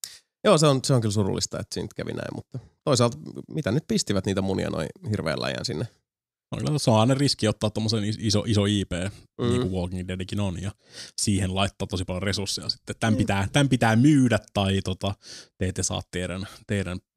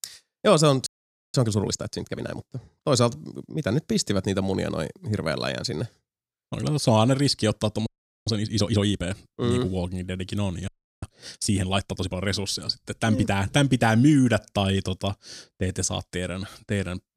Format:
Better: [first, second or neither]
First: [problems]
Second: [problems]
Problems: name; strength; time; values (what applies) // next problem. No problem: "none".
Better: first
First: none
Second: audio freezing; at 1 s, at 8 s and at 11 s